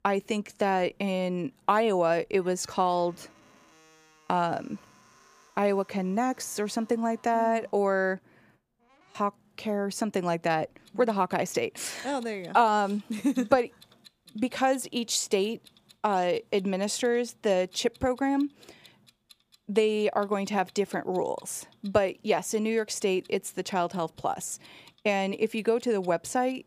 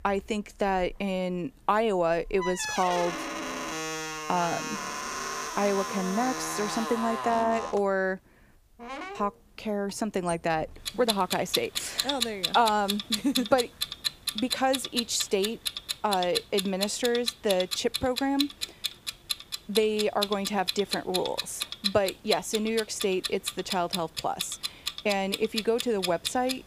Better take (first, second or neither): first